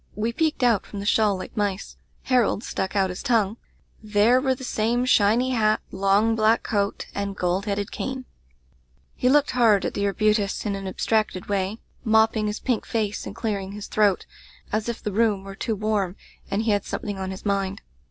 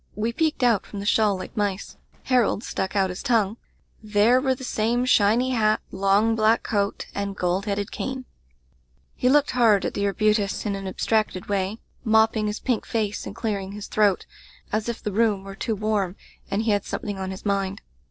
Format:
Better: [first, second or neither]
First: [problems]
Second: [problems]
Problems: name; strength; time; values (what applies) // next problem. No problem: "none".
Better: first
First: none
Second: noise reduction (neural separator model SepFormer DNS4)